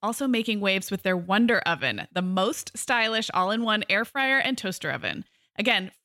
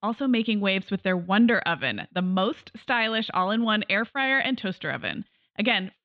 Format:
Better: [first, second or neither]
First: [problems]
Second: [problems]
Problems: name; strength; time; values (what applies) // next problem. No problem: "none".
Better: first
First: none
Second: muffled; very slightly; fading above 3.5 kHz